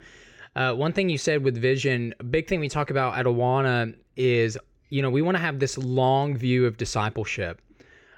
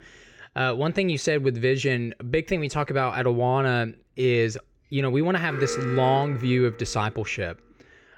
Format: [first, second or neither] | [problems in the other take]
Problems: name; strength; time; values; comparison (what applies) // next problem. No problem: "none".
first | alarm; noticeable; from 5.5 to 7 s; peak 6 dB below the speech